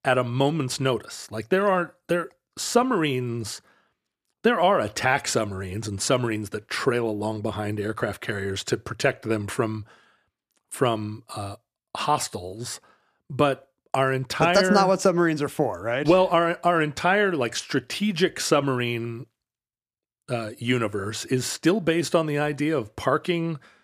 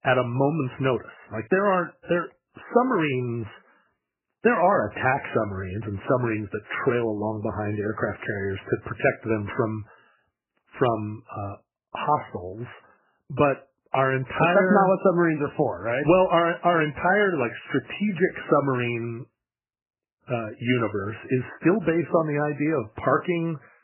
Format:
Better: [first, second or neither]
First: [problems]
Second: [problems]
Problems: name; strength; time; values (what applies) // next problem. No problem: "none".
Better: first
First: none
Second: garbled, watery; badly; nothing above 3 kHz